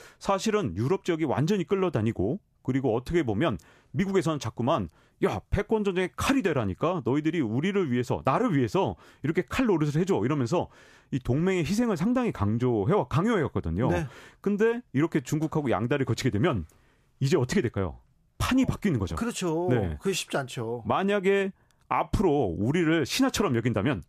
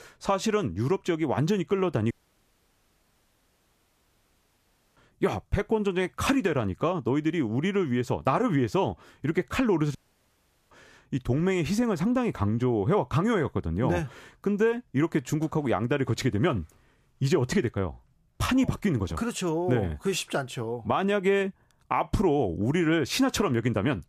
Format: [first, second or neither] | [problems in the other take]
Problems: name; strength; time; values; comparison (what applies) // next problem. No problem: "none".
first | audio cutting out; at 2 s for 3 s and at 10 s for 1 s